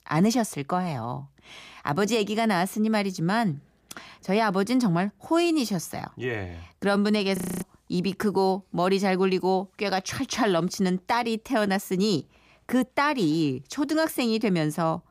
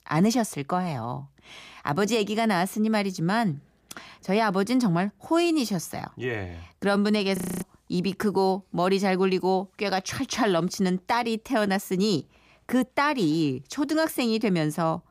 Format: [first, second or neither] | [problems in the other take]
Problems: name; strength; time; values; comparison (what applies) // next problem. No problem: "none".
neither | audio freezing; at 7.5 s; the same in both